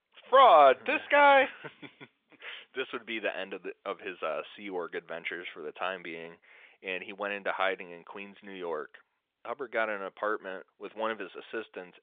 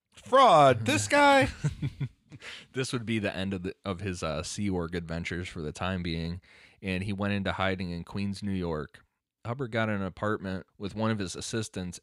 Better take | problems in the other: second | phone-call audio

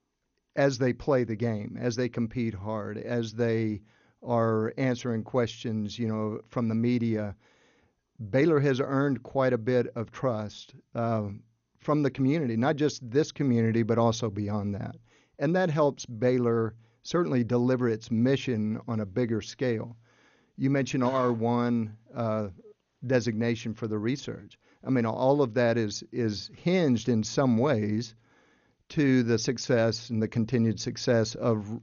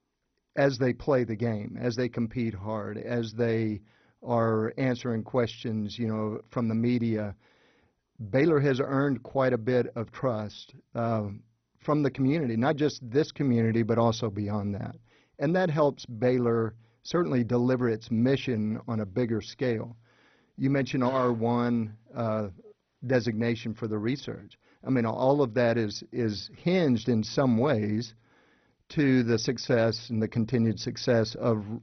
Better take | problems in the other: first | garbled, watery; badly; nothing above 6 kHz; slightly in the first

